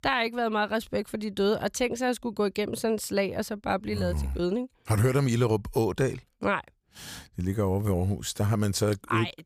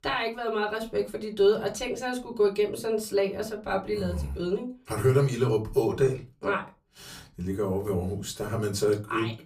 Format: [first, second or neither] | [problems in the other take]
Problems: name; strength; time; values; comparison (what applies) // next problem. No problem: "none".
first | off-mic speech; far // room echo; very slight; dies away in 0.2 s